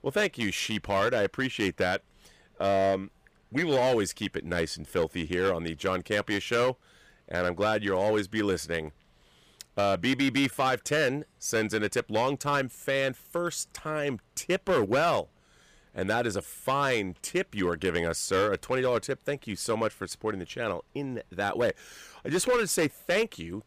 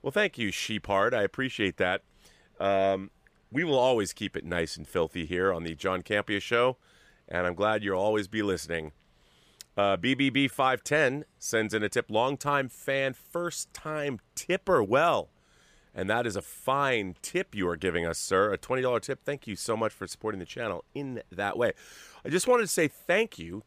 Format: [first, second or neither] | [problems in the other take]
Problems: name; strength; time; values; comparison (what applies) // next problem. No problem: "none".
second | distortion; slight; 6% of the sound clipped